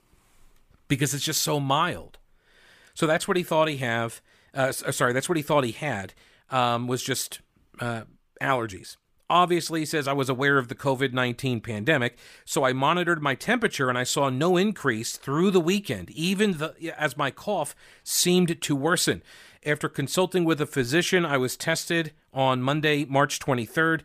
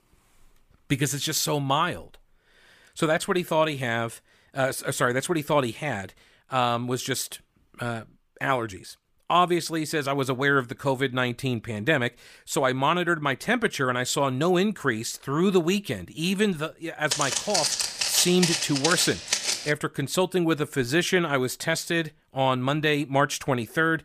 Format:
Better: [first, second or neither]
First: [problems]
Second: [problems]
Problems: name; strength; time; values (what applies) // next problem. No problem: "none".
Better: first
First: none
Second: footsteps; loud; from 17 to 20 s; peak 2 dB above the speech